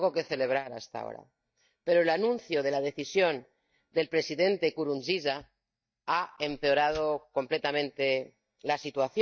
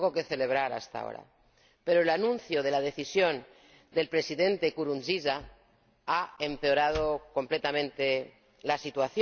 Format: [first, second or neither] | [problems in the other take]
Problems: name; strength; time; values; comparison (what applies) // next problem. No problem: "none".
second | noise reduction (neural mask model DeepFilterNet 3)